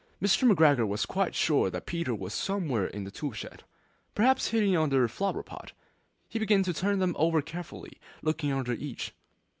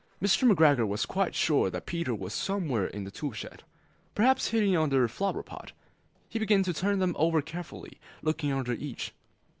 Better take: first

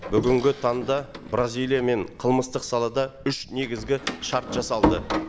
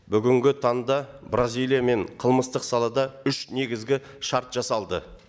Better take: second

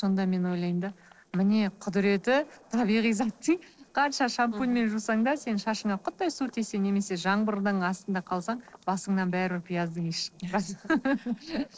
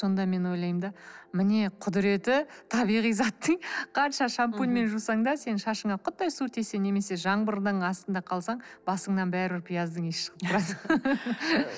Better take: second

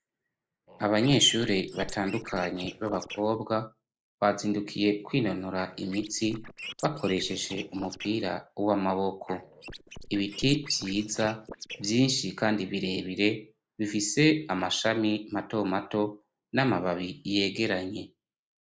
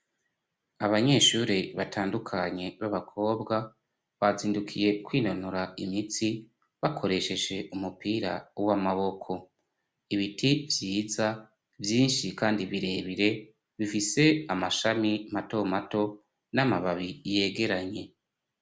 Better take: second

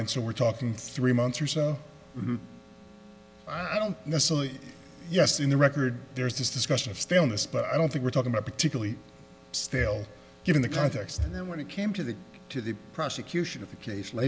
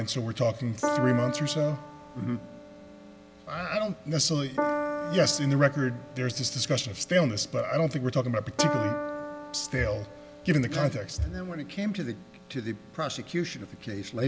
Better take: first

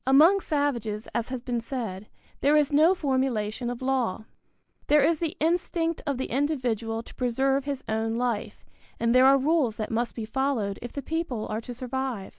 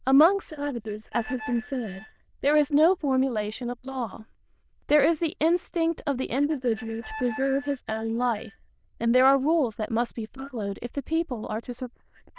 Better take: first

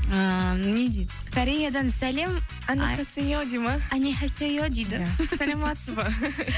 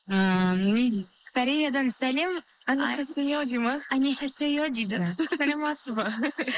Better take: first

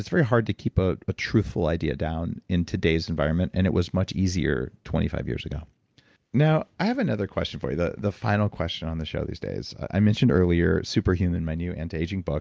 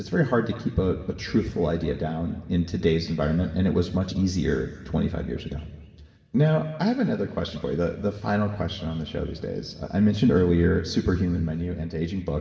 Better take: first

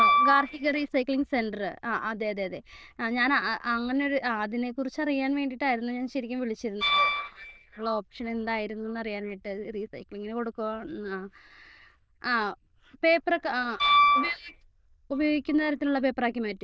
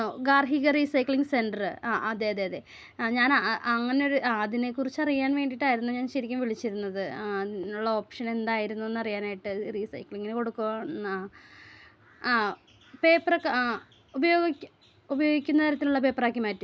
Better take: second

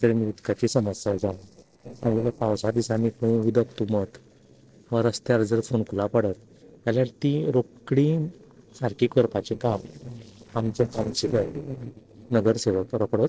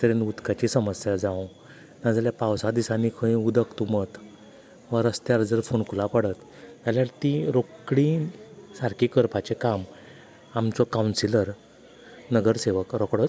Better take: second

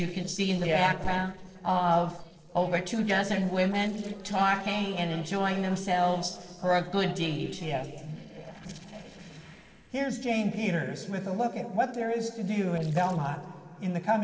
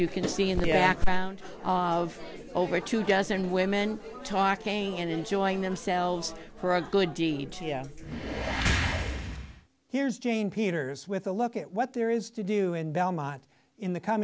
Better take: second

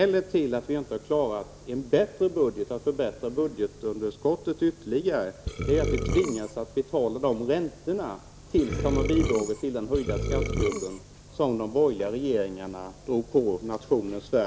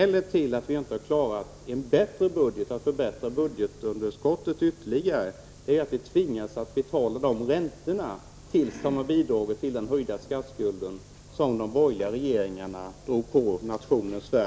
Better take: second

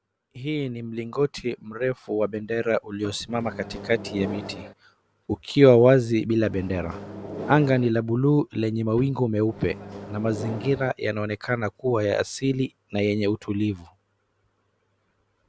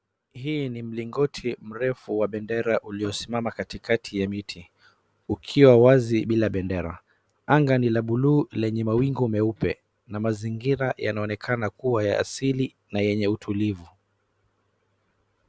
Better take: second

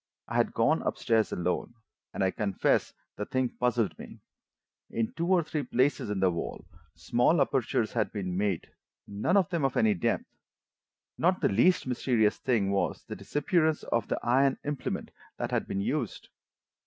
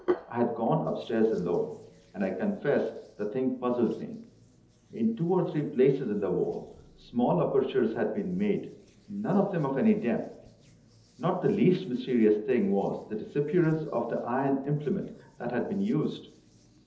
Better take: first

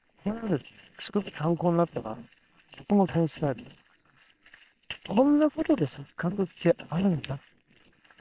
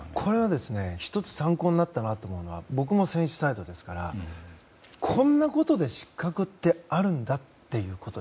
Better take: second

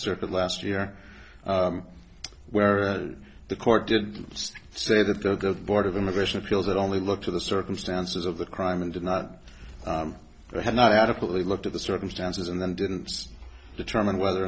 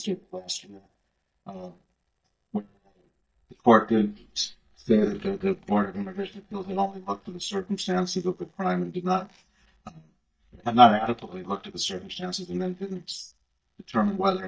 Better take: first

